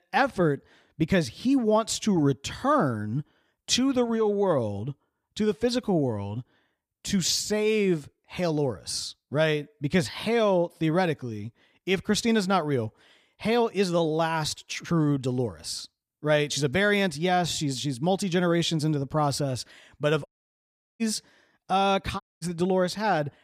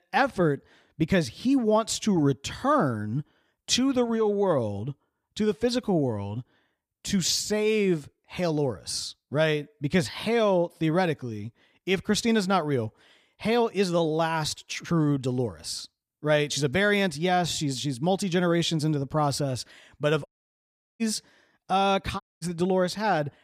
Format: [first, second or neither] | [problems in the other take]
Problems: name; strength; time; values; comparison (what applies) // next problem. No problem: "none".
neither | audio cutting out; at 20 s for 0.5 s and at 22 s; the same in both